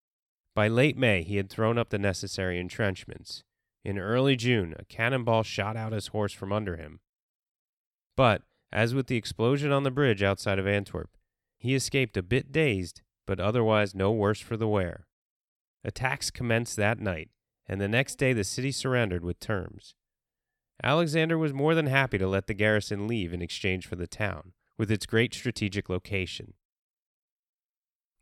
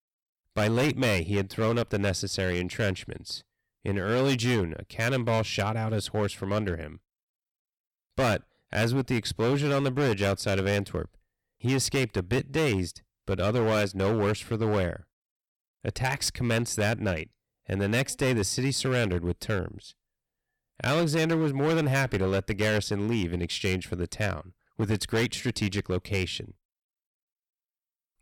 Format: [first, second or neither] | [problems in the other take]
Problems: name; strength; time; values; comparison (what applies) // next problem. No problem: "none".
first | distortion; heavy; 10% of the sound clipped